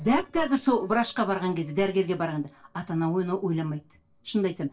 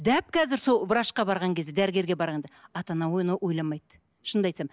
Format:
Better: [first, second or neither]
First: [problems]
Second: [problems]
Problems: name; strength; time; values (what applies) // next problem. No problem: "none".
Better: second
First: noise reduction (neural separator model SepFormer DNS4)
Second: none